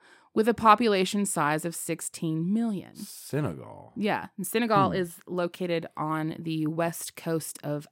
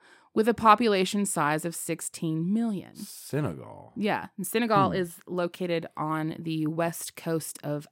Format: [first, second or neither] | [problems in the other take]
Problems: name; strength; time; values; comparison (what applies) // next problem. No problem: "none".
neither | none